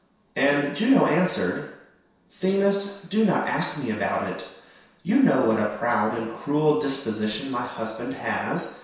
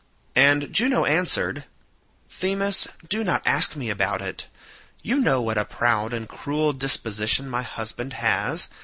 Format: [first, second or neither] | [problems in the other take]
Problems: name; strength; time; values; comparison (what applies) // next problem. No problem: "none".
second | room echo; dies away in 0.7 s